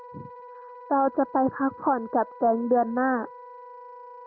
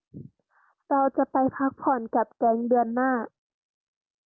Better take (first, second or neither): second